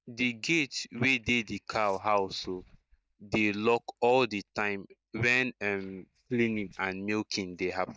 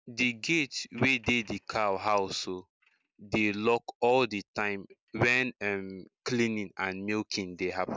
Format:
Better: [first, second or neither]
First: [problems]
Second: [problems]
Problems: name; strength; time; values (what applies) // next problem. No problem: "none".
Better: second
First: noise reduction (neural mask model DeepFilterNet 3)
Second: none